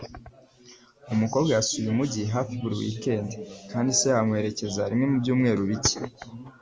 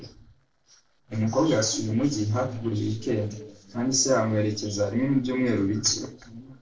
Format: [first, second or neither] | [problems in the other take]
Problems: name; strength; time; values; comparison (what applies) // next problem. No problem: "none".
first | noise reduction (neural separator model SepFormer DNS4)